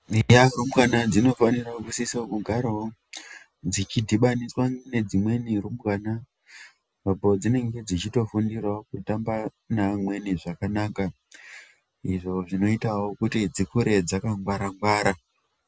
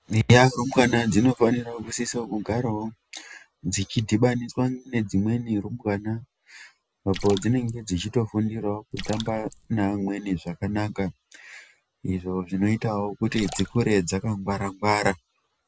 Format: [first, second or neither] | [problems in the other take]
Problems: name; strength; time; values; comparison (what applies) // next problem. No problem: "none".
first | background sound (Splash, splatter); 15 dB below the speech